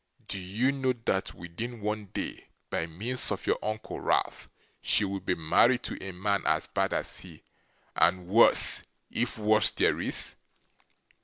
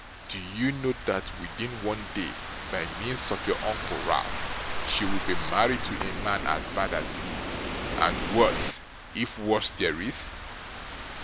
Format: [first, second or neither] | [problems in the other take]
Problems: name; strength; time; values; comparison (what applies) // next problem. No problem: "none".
first | background sound (Rain / Thunderstorm); 3 dB below the speech